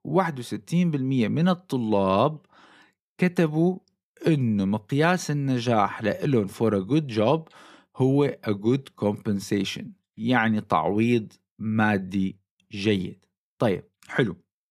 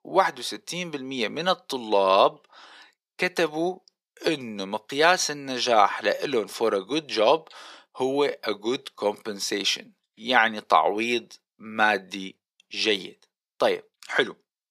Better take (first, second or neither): first